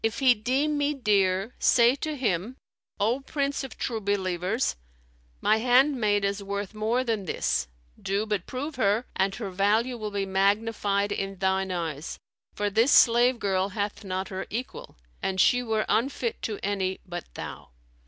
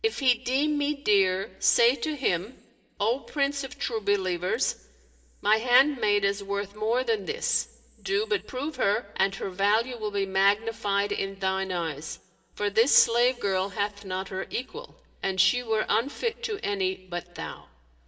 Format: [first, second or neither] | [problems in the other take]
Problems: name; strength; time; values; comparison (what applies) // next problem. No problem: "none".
first | room echo; dies away in 1.1 s